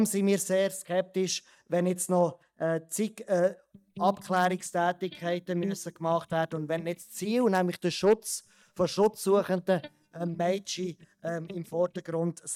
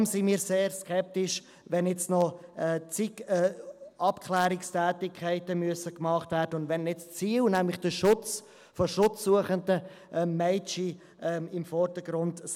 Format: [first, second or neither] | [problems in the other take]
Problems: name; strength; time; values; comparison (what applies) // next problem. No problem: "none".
second | noise reduction (neural mask model DeepFilterNet 3)